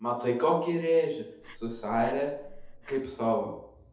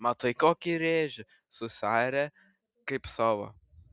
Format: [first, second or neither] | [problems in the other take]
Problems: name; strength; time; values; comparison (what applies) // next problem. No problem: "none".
second | background sound (Breathing); 15 dB below the speech // room echo; dies away in 2.1 s